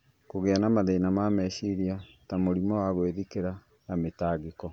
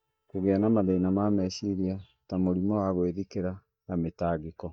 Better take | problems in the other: first | noise reduction (neural mask model DeepFilterNet 3)

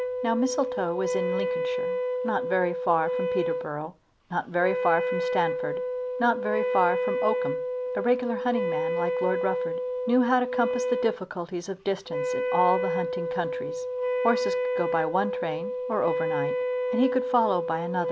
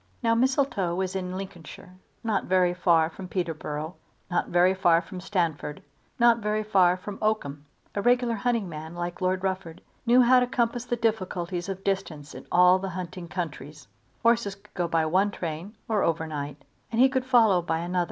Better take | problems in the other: second | background sound (Wind instrument, woodwind instrument); as loud as the speech

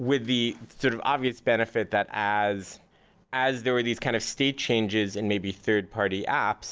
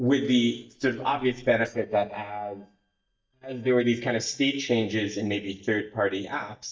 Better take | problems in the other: first | noise reduction (neural mask model DeepFilterNet 3)

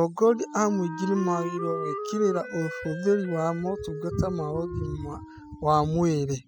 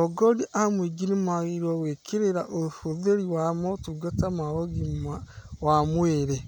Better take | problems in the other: second | noise reduction (classical method spectral subtraction)

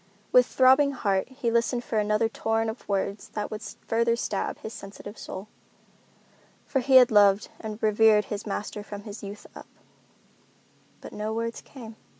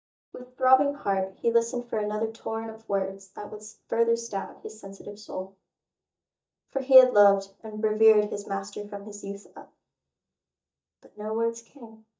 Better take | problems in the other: first | noise reduction (neural mask model DeepFilterNet 3)

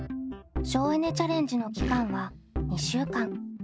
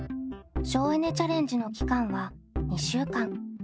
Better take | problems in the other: second | background sound (Fart); 12 dB below the speech

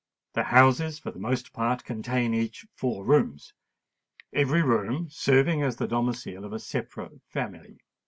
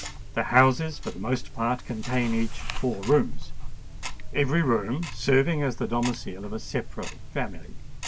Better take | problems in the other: first | background sound (Tick-tock); 5 dB below the speech

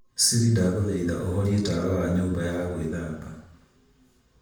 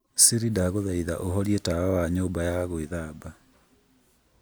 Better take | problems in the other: second | room echo; dies away in 0.7 s

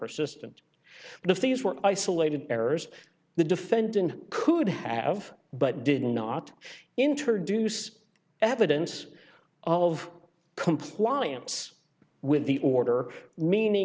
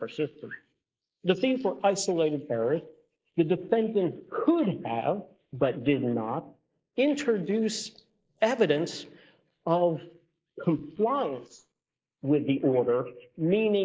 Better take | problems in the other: first | noise reduction (neural mask model Resemble Enhance denoiser)

